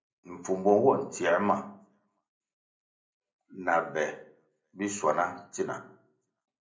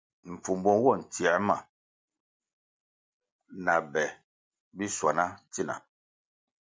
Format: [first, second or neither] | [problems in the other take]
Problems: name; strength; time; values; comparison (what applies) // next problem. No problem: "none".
second | room echo; dies away in 0.5 s